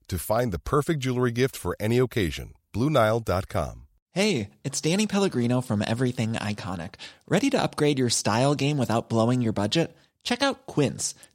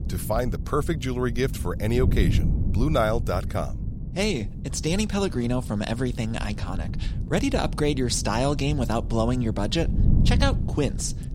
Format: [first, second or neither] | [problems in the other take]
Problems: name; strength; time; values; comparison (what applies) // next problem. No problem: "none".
first | wind noise on the microphone; occasional gusts; 15 dB below the speech